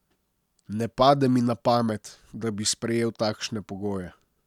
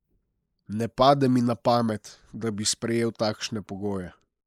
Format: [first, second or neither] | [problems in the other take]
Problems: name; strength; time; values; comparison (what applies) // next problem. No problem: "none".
first | noise reduction (neural mask model Resemble Enhance denoiser)